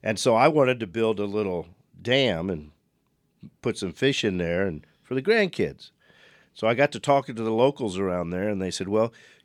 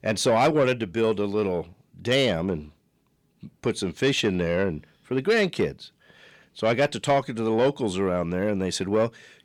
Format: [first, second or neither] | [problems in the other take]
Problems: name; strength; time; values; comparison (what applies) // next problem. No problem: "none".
first | distortion; slight; 10 dB below the speech